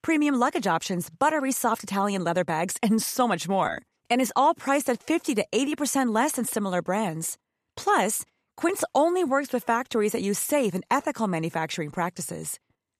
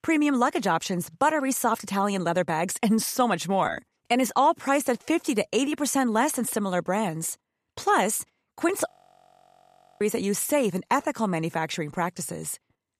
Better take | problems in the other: first | audio freezing; at 9 s for 1 s

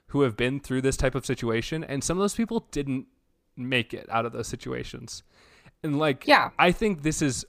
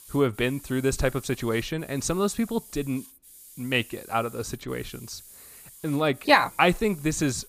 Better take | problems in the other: first | hiss; noticeable; throughout; 20 dB below the speech

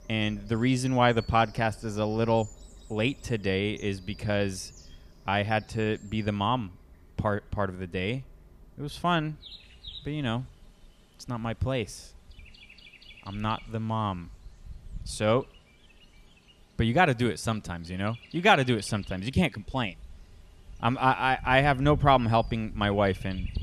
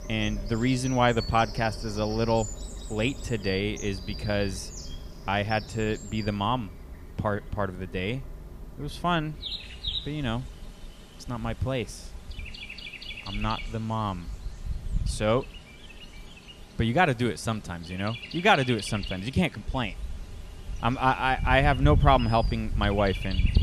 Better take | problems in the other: first | animal sounds; loud; throughout; 9 dB below the speech; faint in the first

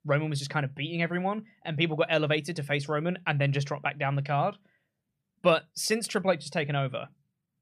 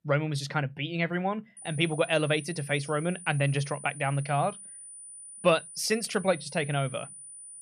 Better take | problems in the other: first | high-pitched whine; noticeable; from 1.5 s on; 9.5 kHz, 15 dB below the speech

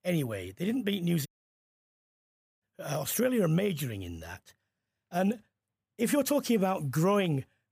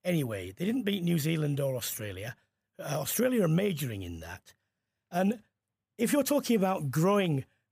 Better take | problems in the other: second | audio cutting out; at 1.5 s for 1.5 s

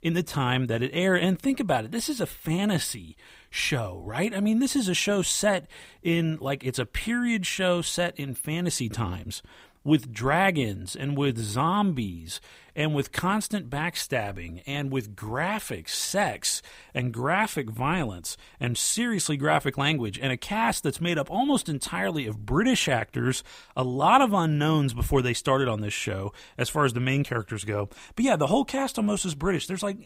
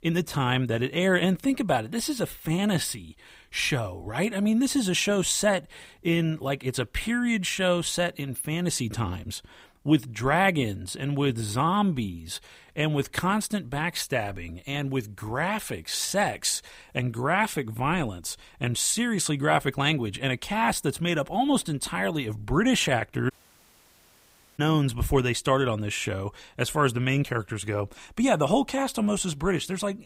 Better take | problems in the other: first | audio cutting out; at 23 s for 1.5 s

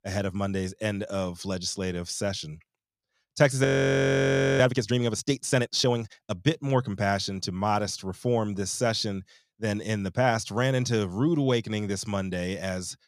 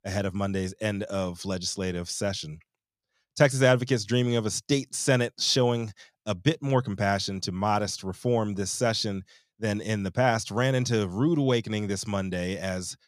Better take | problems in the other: second | audio freezing; at 3.5 s for 1 s

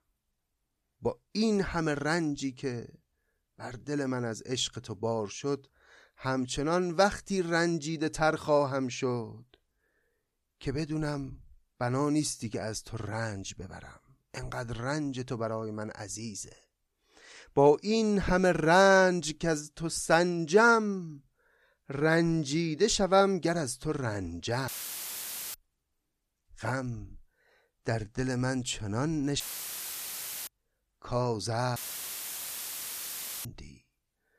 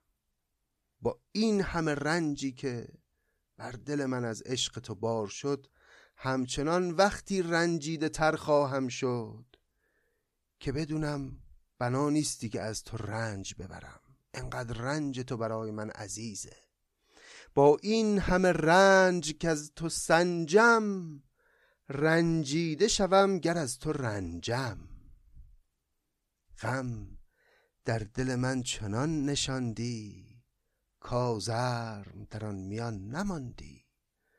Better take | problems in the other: second | audio cutting out; filled with static; at 25 s for 1 s, at 29 s for 1 s and at 32 s for 1.5 s

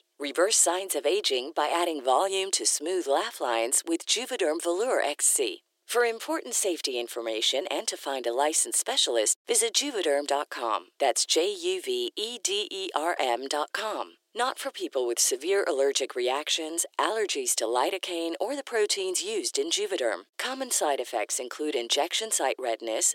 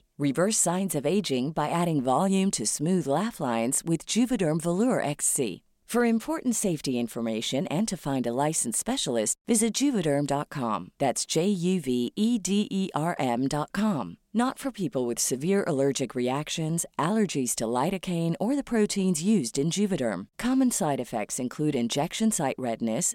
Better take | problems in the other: second | thin; very; fading below 350 Hz

